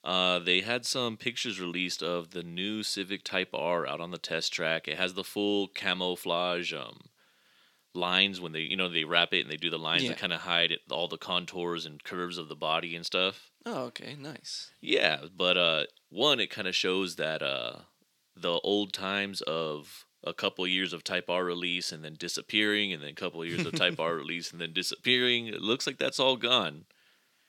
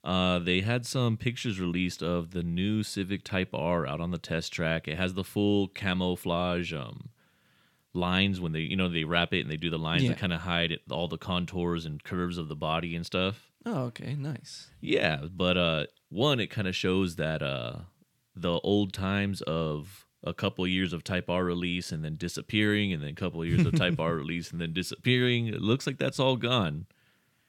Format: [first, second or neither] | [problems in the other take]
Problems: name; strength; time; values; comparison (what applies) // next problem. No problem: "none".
second | thin; somewhat; fading below 300 Hz